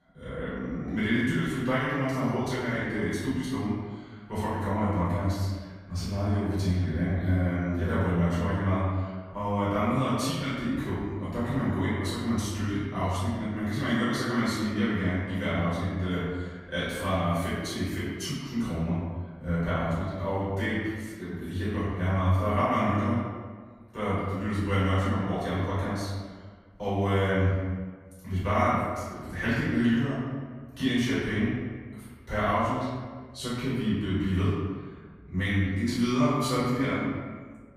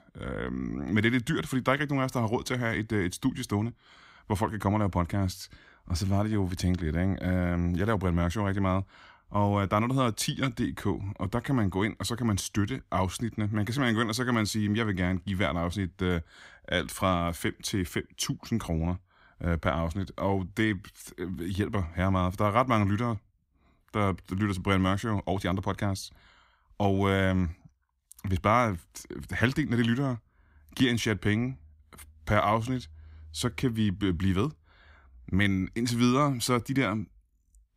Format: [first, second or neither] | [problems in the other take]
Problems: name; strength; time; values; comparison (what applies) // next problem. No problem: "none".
second | off-mic speech; far // room echo; strong; dies away in 1.3 s